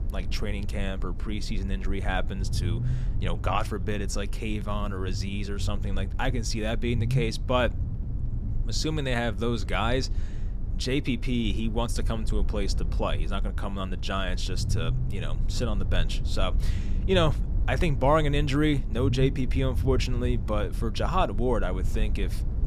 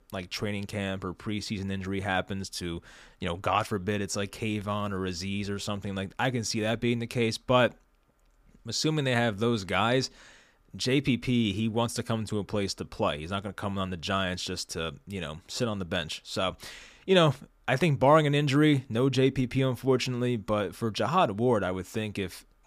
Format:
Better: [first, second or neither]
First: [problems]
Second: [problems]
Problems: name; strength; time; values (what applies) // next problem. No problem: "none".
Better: second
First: low rumble; noticeable; throughout; 15 dB below the speech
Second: none